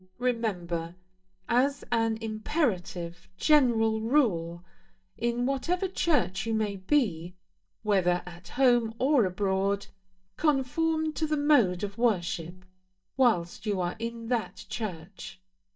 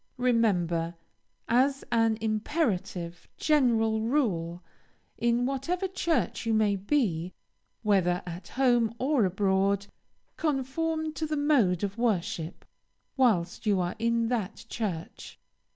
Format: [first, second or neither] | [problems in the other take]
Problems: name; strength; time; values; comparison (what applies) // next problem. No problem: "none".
second | noise reduction (neural mask model DeepFilterNet 3)